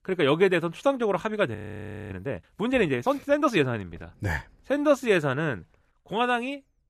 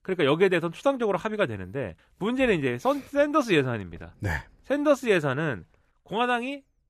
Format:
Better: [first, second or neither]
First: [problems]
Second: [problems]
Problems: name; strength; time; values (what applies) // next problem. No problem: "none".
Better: second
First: audio freezing; at 1.5 s for 0.5 s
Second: none